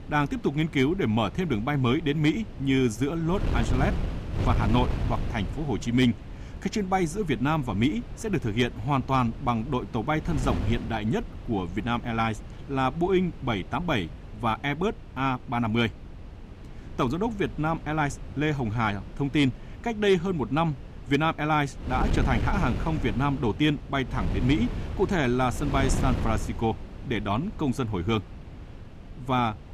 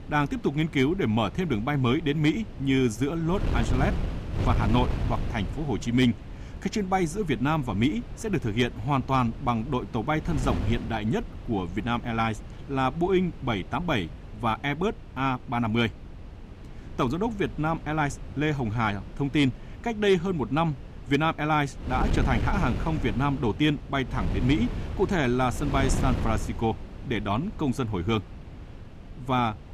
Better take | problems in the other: neither | wind noise on the microphone; occasional gusts; 15 dB below the speech; the same in both

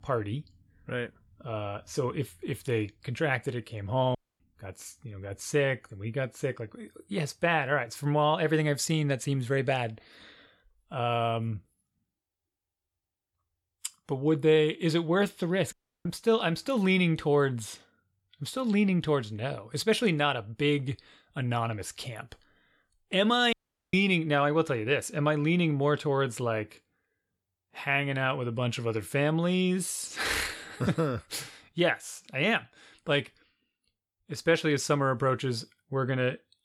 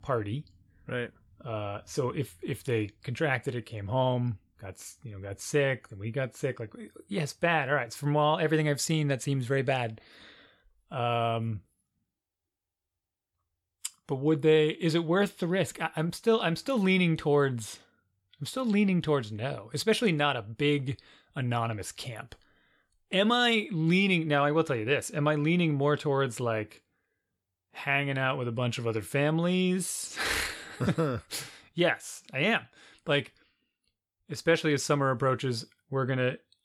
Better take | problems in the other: second | audio cutting out; at 4 s, at 16 s and at 24 s

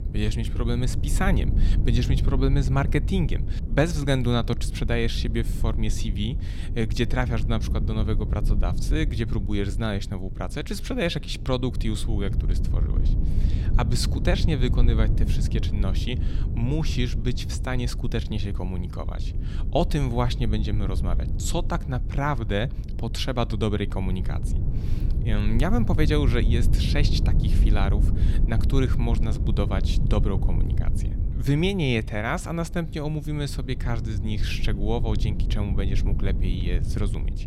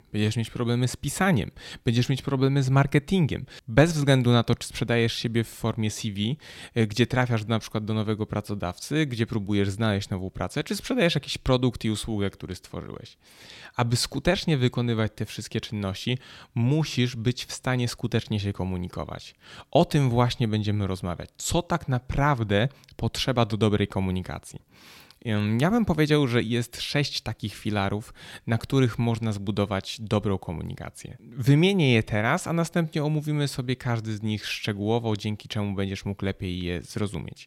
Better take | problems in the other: second | low rumble; noticeable; throughout; 10 dB below the speech

